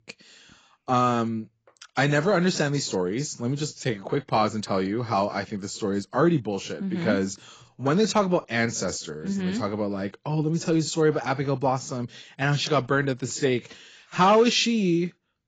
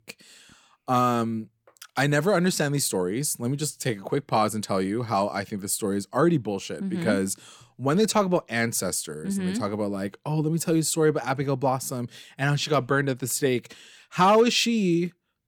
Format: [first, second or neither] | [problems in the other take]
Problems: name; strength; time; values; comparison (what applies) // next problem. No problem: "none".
second | garbled, watery; badly; nothing above 7.5 kHz